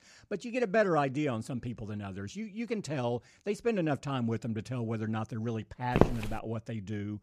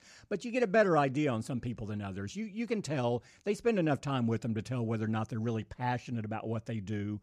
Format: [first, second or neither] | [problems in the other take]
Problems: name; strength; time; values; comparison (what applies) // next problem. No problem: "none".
second | footsteps; loud; at 6 s; peak 6 dB above the speech